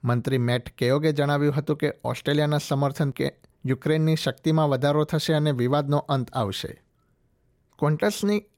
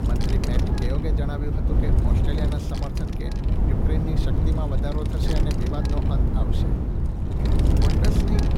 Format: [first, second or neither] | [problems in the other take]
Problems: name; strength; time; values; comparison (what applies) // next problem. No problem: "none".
first | wind noise on the microphone; heavy; 3 dB above the speech